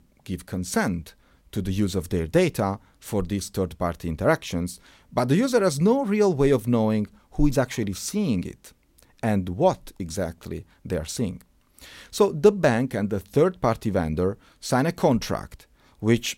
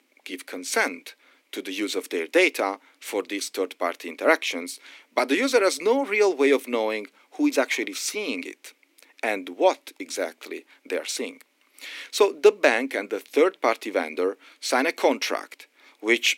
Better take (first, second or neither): first